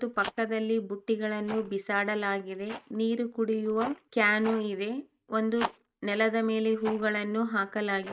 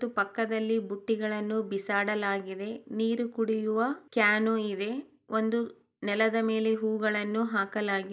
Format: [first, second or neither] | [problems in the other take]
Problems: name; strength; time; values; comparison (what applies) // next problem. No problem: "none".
second | noise reduction (neural mask model RNNoise)